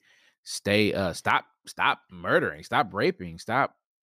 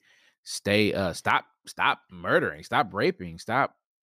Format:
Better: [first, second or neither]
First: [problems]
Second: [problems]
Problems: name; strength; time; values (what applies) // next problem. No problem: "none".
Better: neither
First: none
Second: none